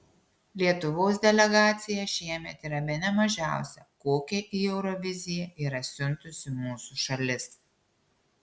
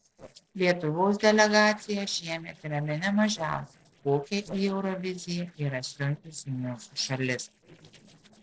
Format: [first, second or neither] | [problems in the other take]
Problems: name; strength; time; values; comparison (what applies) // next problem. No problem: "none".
first | noise reduction (neural separator model SepFormer DNS4)